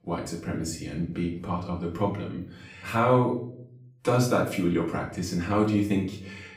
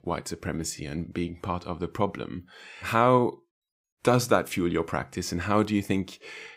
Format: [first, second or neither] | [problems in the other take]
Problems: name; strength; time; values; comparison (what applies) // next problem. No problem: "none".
second | off-mic speech; far // room echo; slight; dies away in 0.6 s